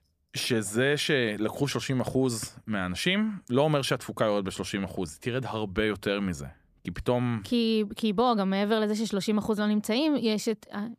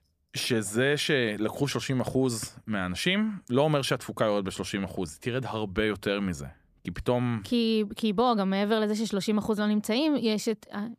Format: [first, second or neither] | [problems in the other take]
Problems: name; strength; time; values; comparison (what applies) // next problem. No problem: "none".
neither | none